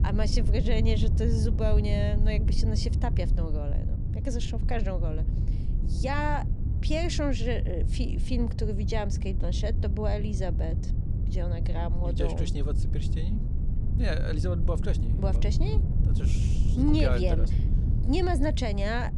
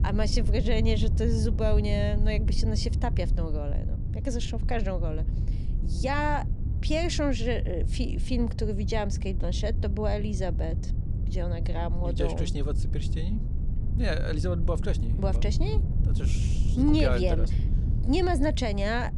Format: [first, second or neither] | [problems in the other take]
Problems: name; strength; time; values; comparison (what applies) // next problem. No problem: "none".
second | wind noise on the microphone; heavy; 9 dB below the speech; occasional gusts in the second